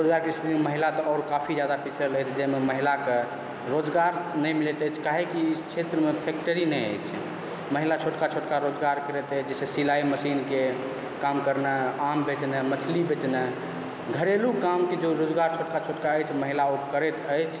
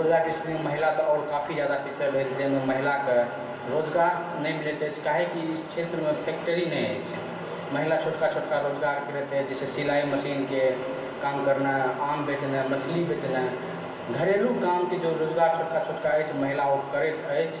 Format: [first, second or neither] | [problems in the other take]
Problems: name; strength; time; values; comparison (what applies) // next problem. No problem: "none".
first | room echo; dies away in 0.3 s